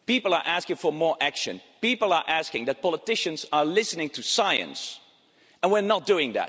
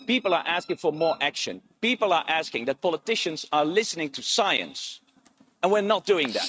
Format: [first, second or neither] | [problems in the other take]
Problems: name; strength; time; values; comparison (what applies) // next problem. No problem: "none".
first | noise reduction (neural mask model RNNoise)